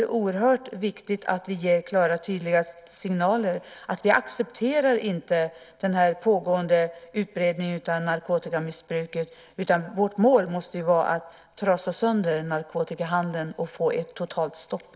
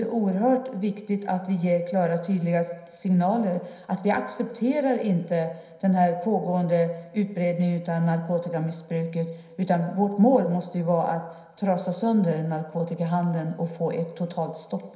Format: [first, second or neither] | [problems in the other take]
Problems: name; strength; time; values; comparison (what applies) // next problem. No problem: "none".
first | room echo; dies away in 0.9 s